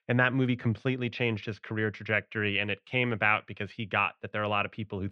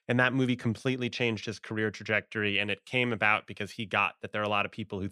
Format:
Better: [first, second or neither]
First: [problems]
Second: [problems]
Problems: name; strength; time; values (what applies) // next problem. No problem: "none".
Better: second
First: muffled; slightly; fading above 2.5 kHz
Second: none